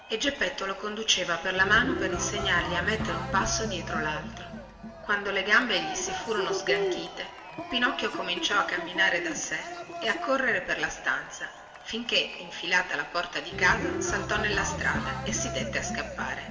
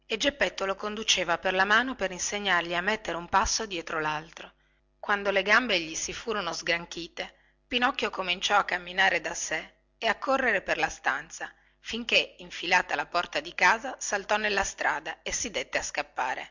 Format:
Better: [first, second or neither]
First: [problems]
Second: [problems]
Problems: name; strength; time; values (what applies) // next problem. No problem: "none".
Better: second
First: background sound (Cheering); 6 dB below the speech // room echo; dies away in 1.7 s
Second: none